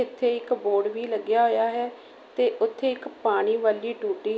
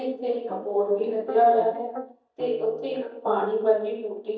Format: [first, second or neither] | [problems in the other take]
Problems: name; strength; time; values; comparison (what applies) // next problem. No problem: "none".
first | noise reduction (neural mask model DeepFilterNet 3)